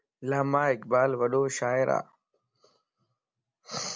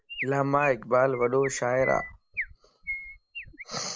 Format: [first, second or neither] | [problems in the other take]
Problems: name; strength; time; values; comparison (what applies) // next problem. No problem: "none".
first | background sound (Chirp, tweet); 11 dB below the speech